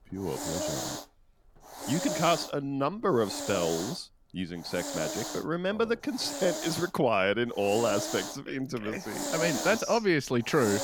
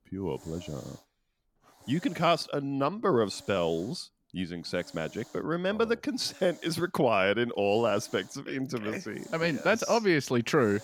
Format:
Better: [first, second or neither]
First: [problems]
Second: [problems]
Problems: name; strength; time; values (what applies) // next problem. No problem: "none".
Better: second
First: hiss; loud; throughout; 6 dB below the speech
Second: hiss; faint; throughout; 25 dB below the speech